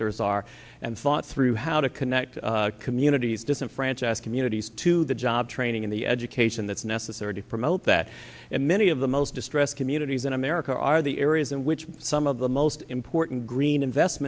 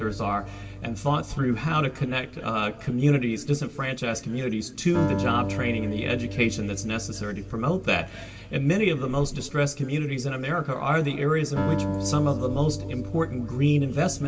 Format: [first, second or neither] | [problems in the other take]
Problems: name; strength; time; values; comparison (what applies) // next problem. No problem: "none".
first | background sound (Acoustic guitar); 9 dB below the speech // room echo; dies away in 2 s